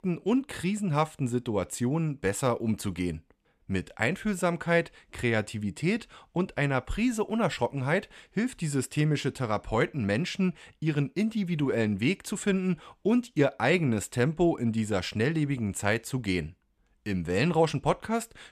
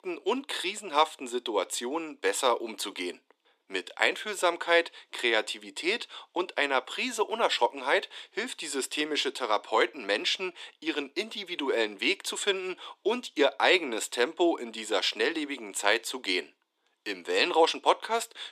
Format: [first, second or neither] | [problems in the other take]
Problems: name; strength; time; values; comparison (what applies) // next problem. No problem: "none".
first | thin; very; fading below 300 Hz